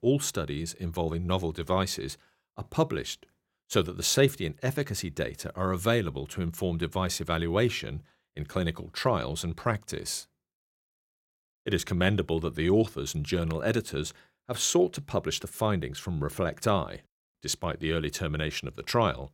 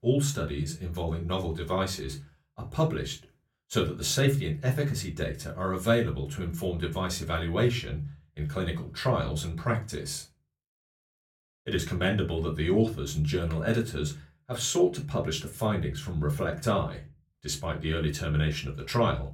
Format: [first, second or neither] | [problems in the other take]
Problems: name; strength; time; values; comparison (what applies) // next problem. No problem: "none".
first | off-mic speech; somewhat distant // room echo; very slight; dies away in 0.3 s